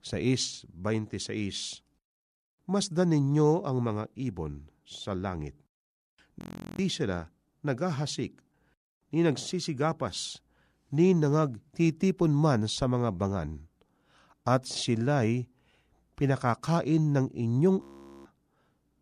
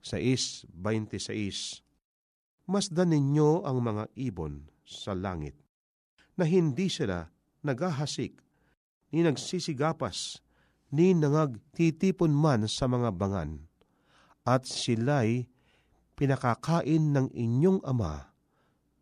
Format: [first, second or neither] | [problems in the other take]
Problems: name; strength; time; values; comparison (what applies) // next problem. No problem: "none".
second | audio freezing; at 6.5 s and at 18 s